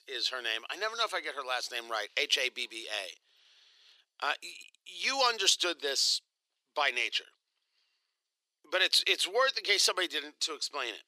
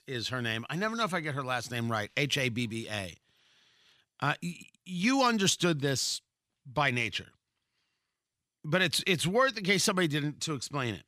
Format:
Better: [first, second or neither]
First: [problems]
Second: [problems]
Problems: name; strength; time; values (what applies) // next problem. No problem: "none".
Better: second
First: thin; very; fading below 400 Hz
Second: none